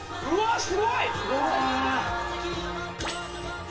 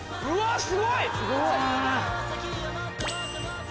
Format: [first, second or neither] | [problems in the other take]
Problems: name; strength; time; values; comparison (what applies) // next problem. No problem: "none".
second | room echo; dies away in 0.2 s